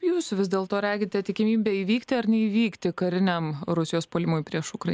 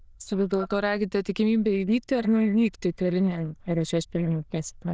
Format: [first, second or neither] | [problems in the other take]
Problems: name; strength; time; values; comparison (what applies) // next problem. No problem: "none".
first | noise reduction (neural diffusion model UNIVERSE++)